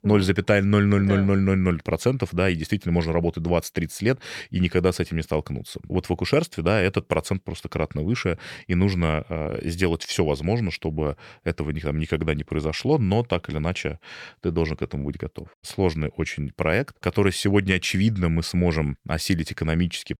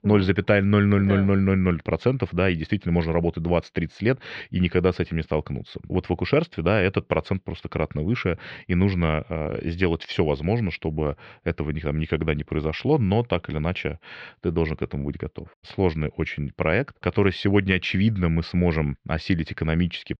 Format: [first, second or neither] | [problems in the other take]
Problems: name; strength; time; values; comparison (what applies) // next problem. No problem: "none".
first | muffled; slightly; fading above 3.5 kHz